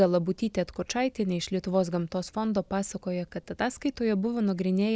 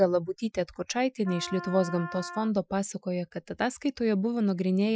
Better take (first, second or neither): first